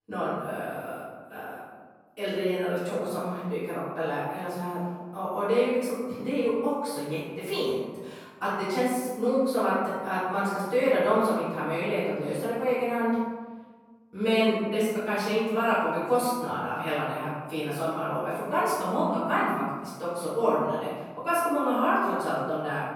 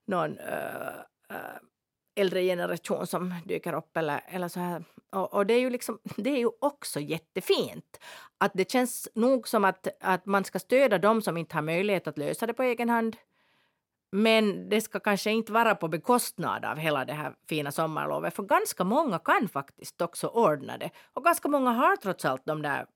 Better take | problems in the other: second | off-mic speech; far // room echo; strong; dies away in 1.3 s

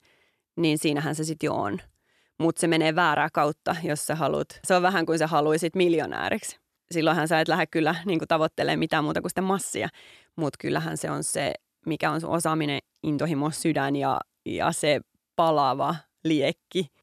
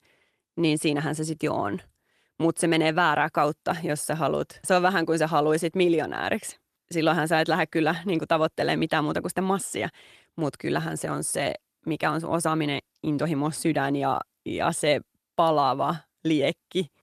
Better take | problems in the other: first | garbled, watery; slightly; nothing above 14 kHz

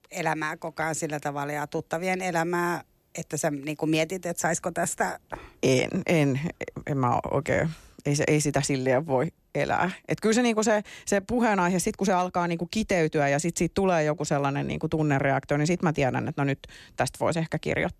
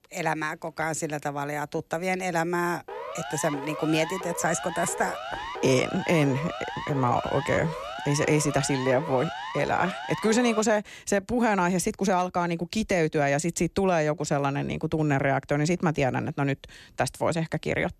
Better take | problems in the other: first | siren; noticeable; from 3 to 11 s; peak 8 dB below the speech

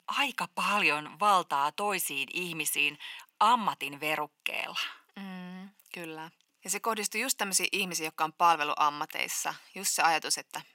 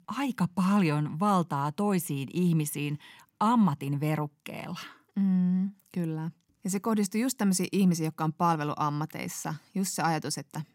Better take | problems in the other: second | thin; very; fading below 650 Hz

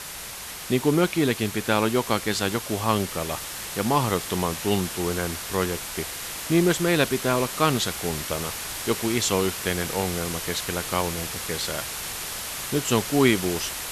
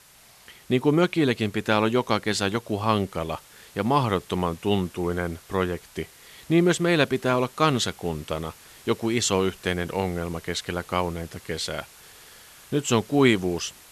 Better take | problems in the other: second | hiss; loud; throughout; 6 dB below the speech; faint in the second

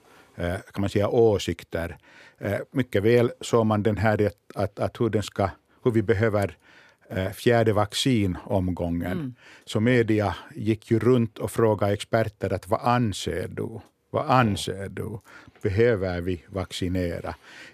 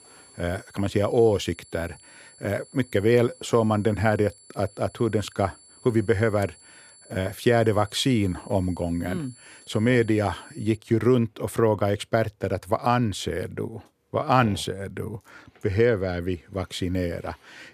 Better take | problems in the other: first | high-pitched whine; faint; until 11 s; 10 kHz, 25 dB below the speech

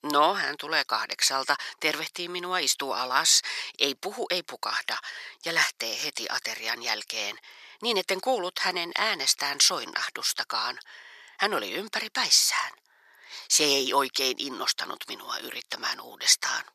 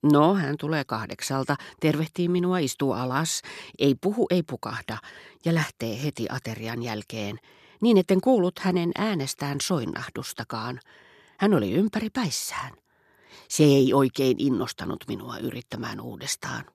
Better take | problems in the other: second | thin; very; fading below 850 Hz

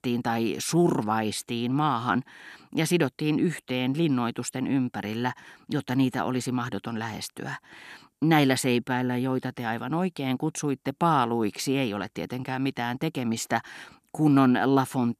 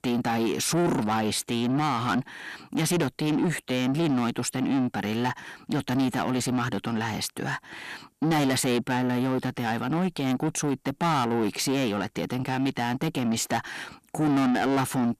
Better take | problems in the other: first | distortion; heavy; 7 dB below the speech

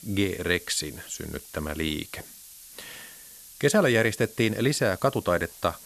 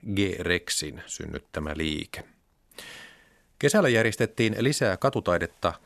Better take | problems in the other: second | hiss; noticeable; throughout; 20 dB below the speech

